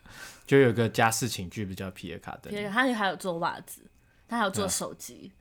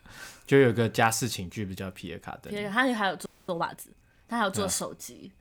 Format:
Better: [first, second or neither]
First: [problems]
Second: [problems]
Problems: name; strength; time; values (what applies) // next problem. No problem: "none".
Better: first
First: none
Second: audio freezing; at 3.5 s